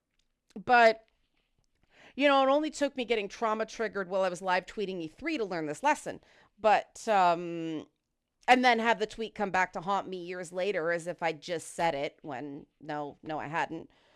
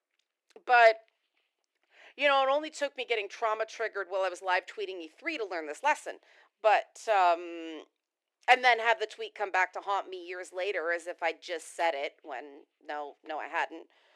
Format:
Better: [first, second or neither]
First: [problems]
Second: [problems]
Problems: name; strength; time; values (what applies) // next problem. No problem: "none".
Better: first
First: none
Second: thin; very; fading below 350 Hz